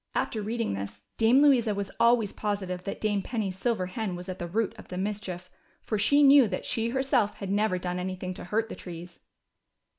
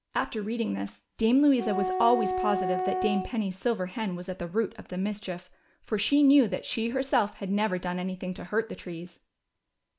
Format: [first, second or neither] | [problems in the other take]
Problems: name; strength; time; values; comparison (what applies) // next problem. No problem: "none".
first | background sound (Wind instrument, woodwind instrument); 3 dB below the speech